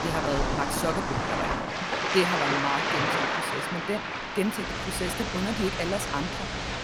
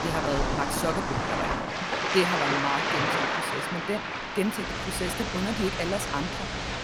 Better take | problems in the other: neither | rain or running water; very loud; throughout; 3 dB above the speech; the same in both

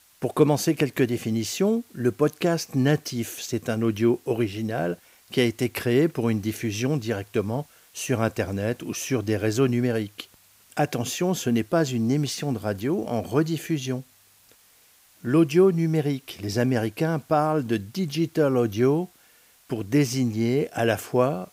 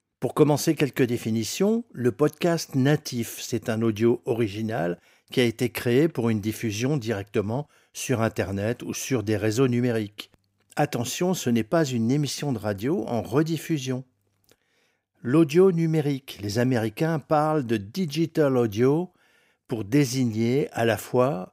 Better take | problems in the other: second | hiss; faint; throughout; 30 dB below the speech

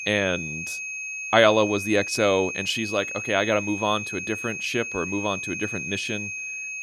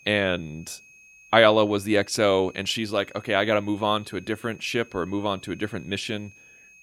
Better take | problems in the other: second | high-pitched whine; loud; throughout; 2.5 kHz, 6 dB below the speech; faint in the second

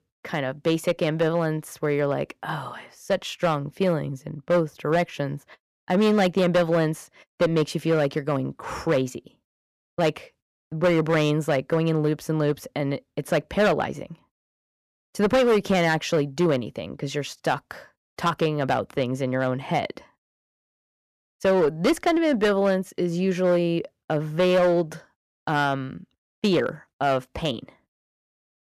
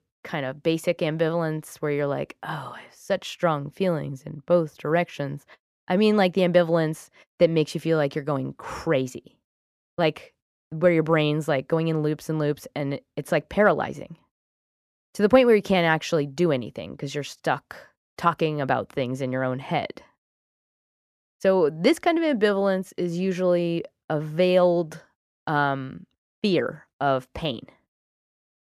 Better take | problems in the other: second | distortion; slight; 5% of the sound clipped

